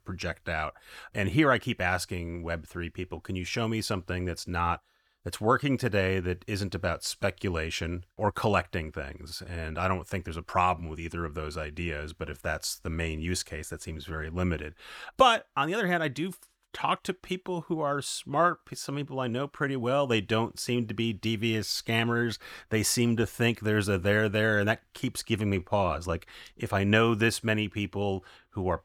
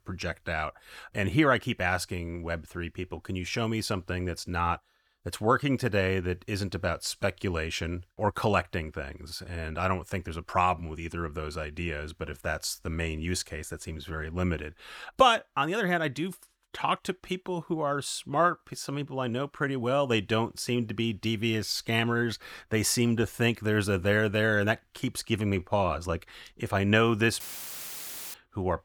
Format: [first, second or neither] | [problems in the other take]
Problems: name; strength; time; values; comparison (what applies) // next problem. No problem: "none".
first | audio cutting out; filled with static; at 27 s for 1 s